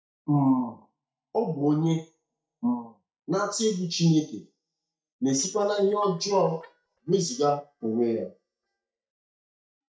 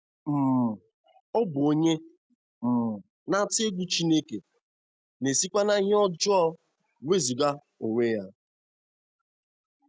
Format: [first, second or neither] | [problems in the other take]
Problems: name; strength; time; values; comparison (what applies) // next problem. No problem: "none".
second | noise reduction (neural mask model DeepFilterNet 3)